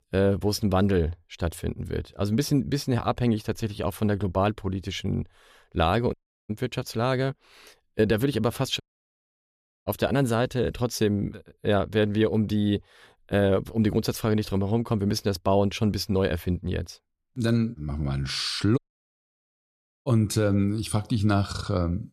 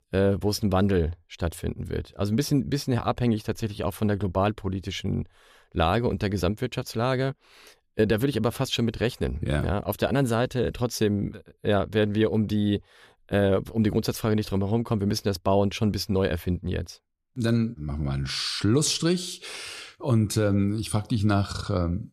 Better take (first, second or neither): second